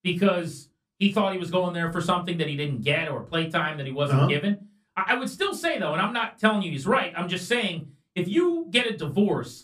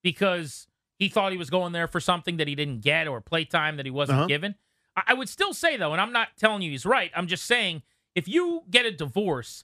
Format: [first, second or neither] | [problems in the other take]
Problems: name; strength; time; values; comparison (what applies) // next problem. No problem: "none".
second | off-mic speech; far // room echo; very slight; dies away in 0.2 s